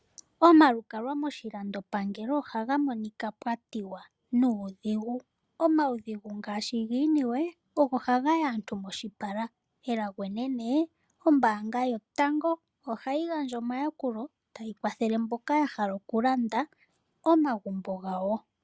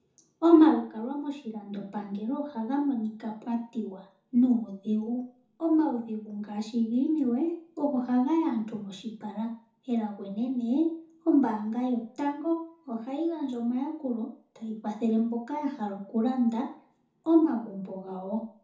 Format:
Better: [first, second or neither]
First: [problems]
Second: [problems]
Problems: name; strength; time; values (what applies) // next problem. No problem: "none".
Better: first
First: none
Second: room echo; dies away in 0.6 s